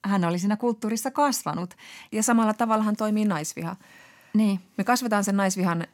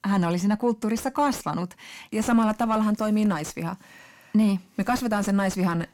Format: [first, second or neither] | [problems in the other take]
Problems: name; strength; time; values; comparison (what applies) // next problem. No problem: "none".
first | distortion; slight; 10 dB below the speech